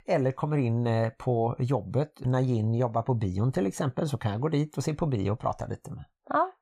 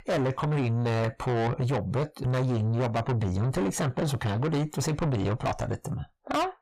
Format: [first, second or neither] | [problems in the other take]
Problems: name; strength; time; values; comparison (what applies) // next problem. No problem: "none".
first | distortion; heavy; 6 dB below the speech